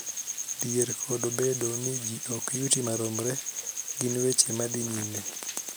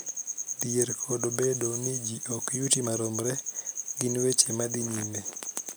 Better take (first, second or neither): second